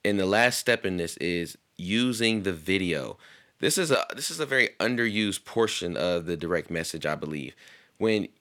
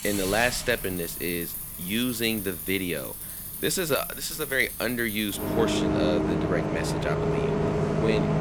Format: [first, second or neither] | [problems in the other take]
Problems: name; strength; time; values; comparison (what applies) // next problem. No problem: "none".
first | traffic noise; loud; throughout; 1 dB below the speech